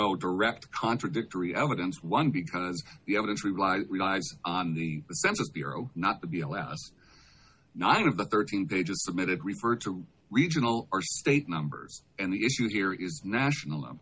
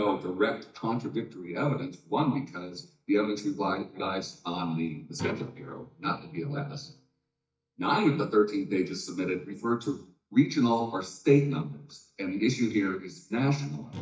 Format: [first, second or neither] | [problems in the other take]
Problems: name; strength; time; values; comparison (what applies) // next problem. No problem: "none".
first | noise reduction (neural mask model DeepFilterNet 3)